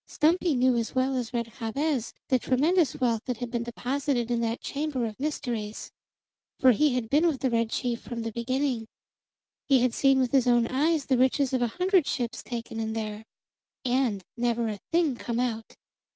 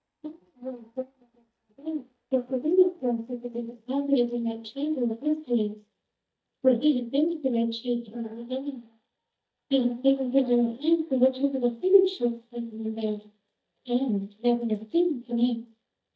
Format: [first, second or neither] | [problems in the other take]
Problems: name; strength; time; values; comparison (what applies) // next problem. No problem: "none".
first | noise reduction (neural mask model DeepFilterNet 3)